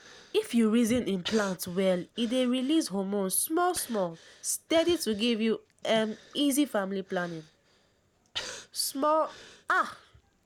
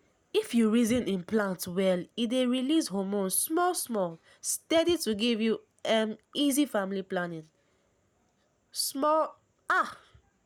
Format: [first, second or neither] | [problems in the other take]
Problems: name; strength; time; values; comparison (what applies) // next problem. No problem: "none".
second | background sound (Breathing); 19 dB below the speech